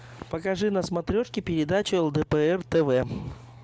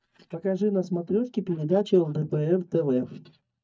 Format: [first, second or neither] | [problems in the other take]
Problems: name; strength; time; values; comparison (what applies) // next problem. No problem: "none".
first | noise reduction (neural mask model DeepFilterNet 3)